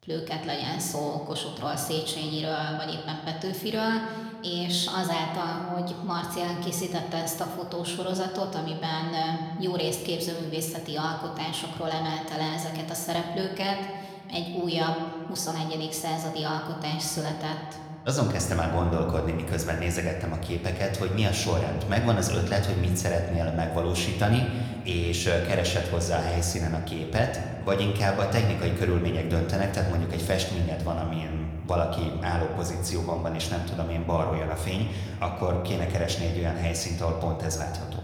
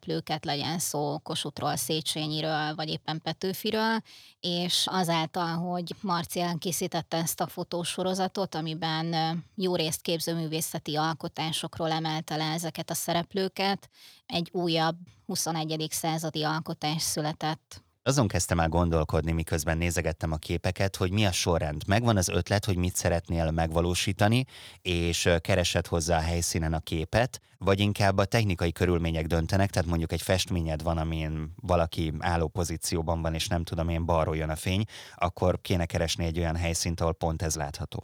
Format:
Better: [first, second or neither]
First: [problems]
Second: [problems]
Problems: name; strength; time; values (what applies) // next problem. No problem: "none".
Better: second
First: room echo; slight; dies away in 1.8 s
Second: none